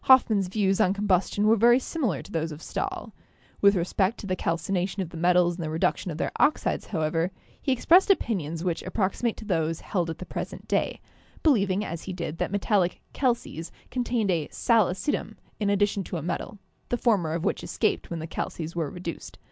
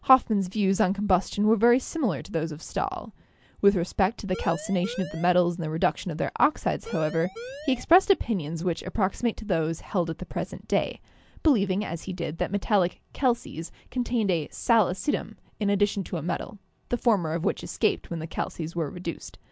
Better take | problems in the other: first | background sound (Siren); 12 dB below the speech

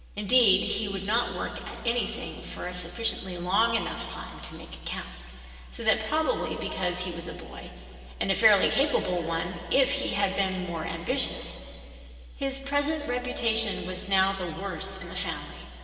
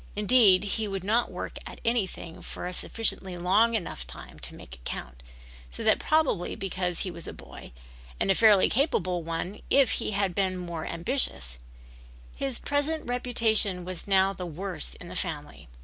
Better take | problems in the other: second | room echo; dies away in 2.7 s

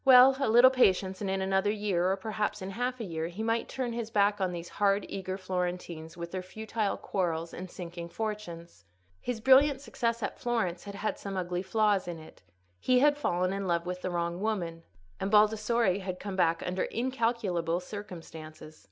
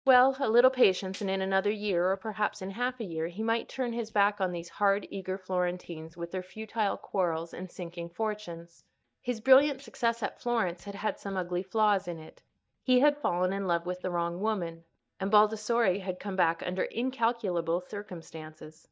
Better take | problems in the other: first | noise reduction (neural mask model DeepFilterNet 3)

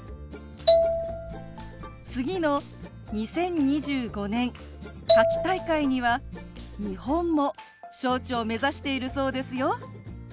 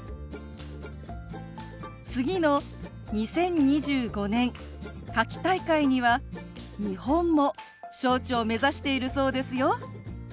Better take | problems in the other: second | background sound (Marimba, xylophone); 1 dB above the speech

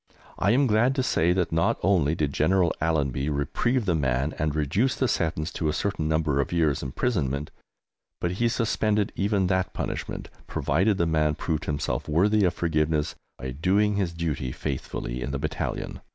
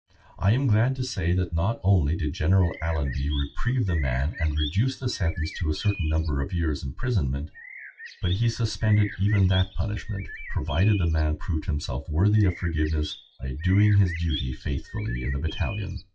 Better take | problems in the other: first | noise reduction (classical method WPE with log-MMSE)

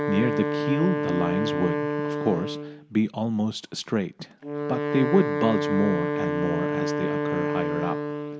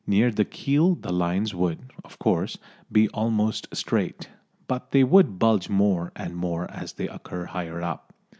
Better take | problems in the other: second | background sound (Wind instrument, woodwind instrument); 1 dB below the speech

